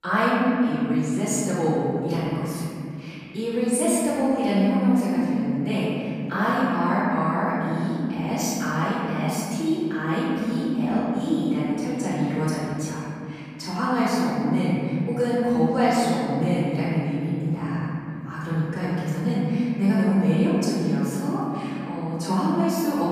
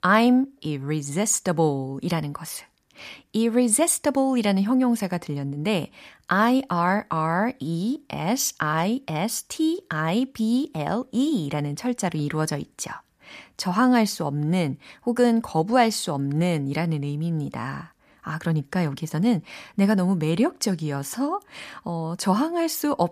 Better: second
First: room echo; strong; dies away in 2.7 s // off-mic speech; far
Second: none

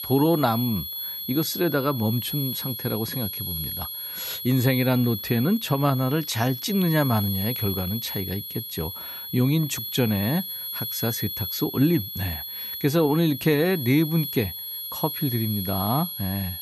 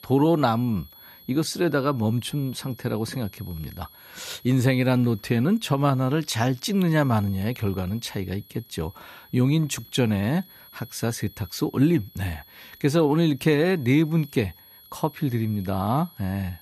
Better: second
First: high-pitched whine; loud; throughout; 11.5 kHz, 5 dB below the speech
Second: high-pitched whine; faint; throughout; 11.5 kHz, 25 dB below the speech

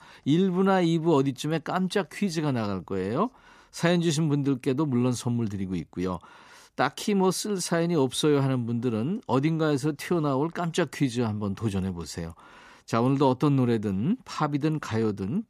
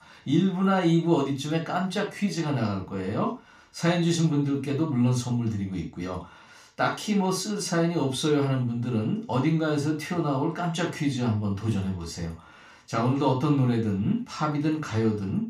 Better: first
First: none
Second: room echo; slight; dies away in 0.3 s // off-mic speech; far

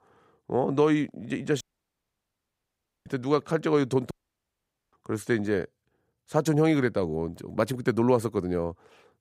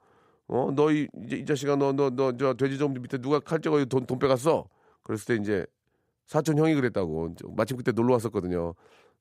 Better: second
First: audio cutting out; at 1.5 s for 1.5 s and at 4 s for 1 s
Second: none

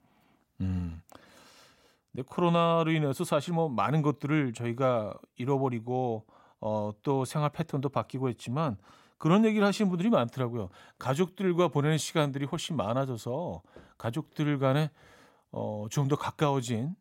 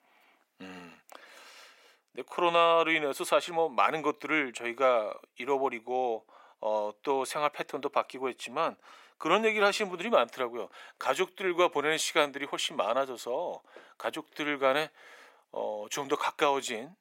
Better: first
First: none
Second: thin; very; fading below 400 Hz

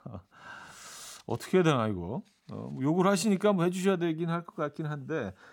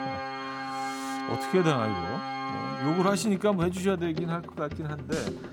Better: first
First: none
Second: background music; loud; throughout; 7 dB below the speech

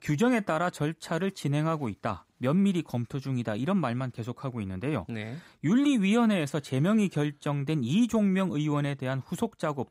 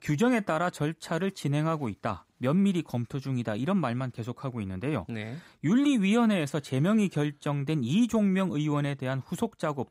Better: neither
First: none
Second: none

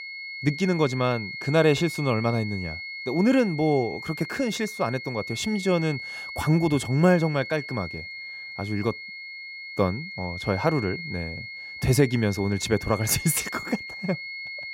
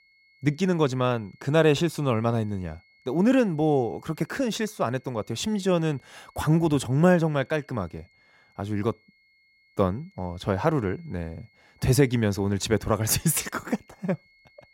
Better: second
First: high-pitched whine; loud; throughout; 2 kHz, 9 dB below the speech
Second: high-pitched whine; faint; throughout; 2 kHz, 35 dB below the speech

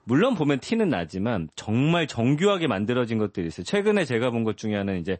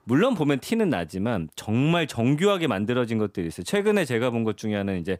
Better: second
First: garbled, watery; slightly; nothing above 8 kHz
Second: none

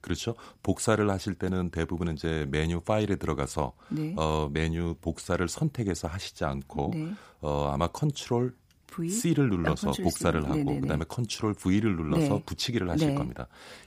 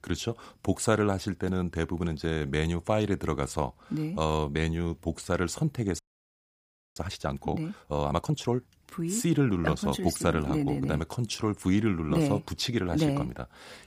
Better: first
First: none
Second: audio freezing; at 6 s for 1 s

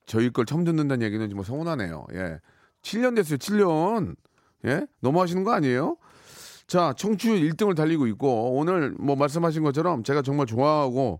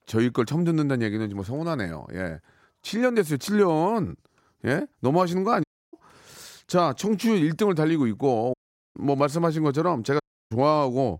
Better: first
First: none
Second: audio cutting out; at 5.5 s, at 8.5 s and at 10 s

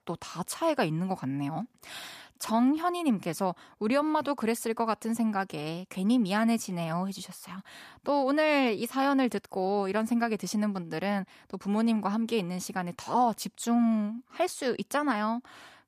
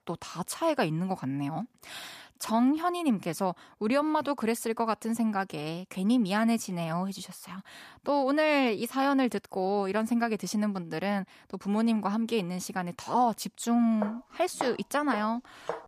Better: first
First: none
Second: footsteps; noticeable; from 14 s on; peak 9 dB below the speech

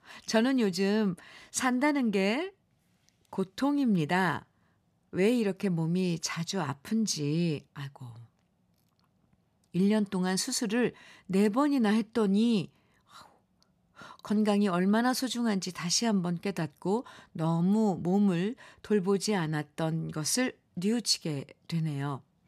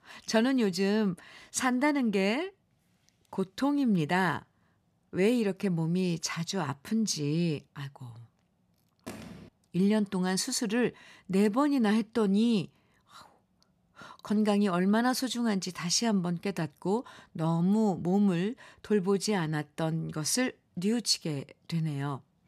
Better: first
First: none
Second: phone ringing; faint; at 9 s; peak 15 dB below the speech

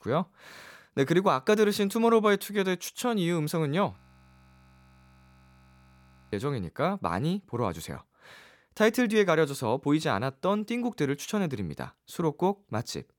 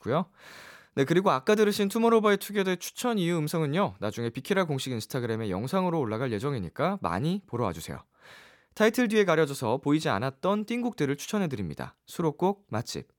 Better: second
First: audio freezing; at 4 s for 2.5 s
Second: none

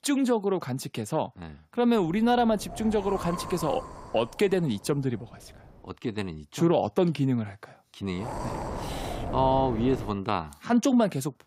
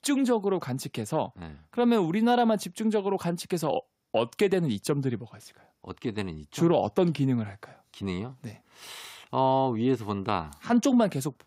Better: second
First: wind noise on the microphone; heavy; from 2 to 6 s and from 8 to 10 s; 9 dB below the speech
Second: none

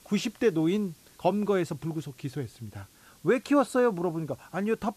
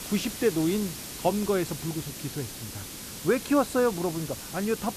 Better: first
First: hiss; faint; throughout; 25 dB below the speech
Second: hiss; loud; throughout; 9 dB below the speech

